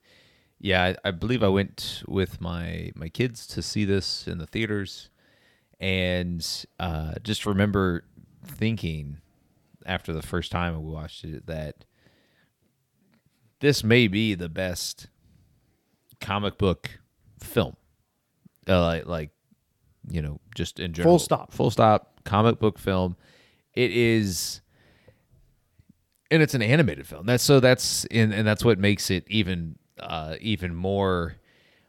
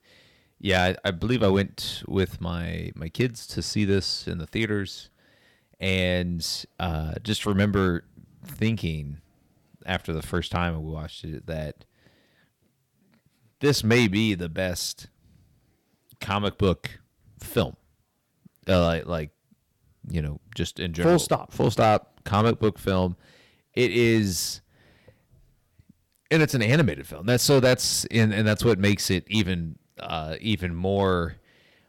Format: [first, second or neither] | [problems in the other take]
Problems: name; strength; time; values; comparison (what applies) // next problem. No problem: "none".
first | distortion; slight; 1.6% of the sound clipped